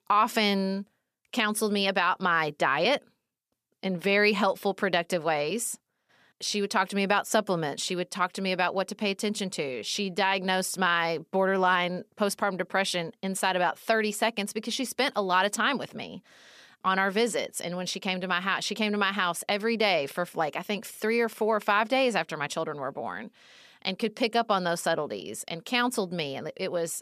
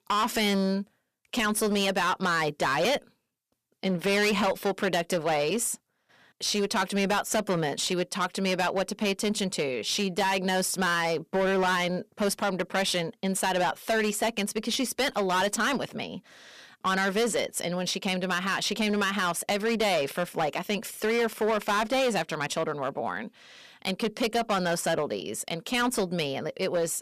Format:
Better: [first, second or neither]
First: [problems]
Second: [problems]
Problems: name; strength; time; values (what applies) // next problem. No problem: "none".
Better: first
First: none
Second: distortion; heavy; 13% of the sound clipped